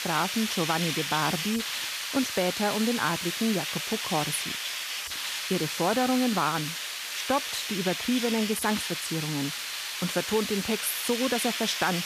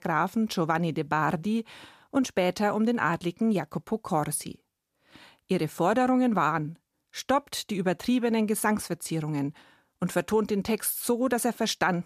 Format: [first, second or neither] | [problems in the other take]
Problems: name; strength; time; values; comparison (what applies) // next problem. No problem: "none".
second | hiss; loud; throughout; 2 dB below the speech